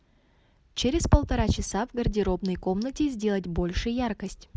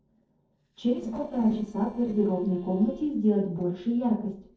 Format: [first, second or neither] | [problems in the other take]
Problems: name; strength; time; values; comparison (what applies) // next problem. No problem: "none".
first | noise reduction (neural separator model SepFormer DNS4)